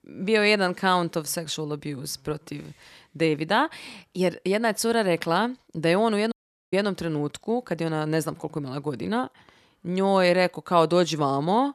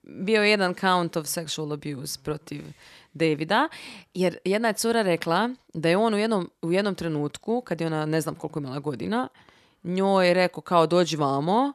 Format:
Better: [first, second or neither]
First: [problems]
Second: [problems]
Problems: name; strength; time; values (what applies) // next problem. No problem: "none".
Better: second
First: audio cutting out; at 6.5 s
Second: none